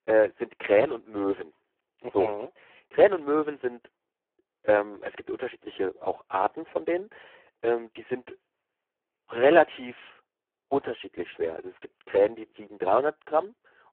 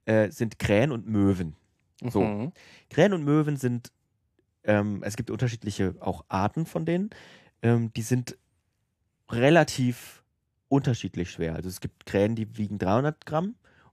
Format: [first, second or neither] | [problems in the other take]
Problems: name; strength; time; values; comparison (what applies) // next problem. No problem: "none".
second | phone-call audio; poor line